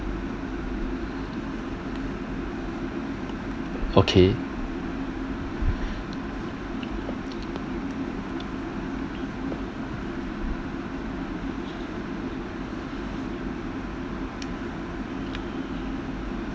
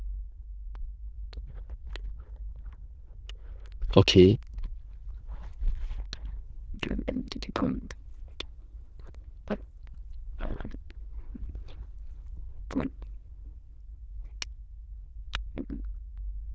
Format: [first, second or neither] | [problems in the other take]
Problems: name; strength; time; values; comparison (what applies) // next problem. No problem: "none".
first | noise reduction (neural diffusion model UNIVERSE++)